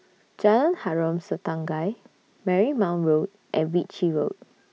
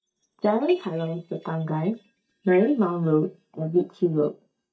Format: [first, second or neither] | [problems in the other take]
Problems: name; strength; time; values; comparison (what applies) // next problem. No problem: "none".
first | noise reduction (neural mask model DeepFilterNet 3)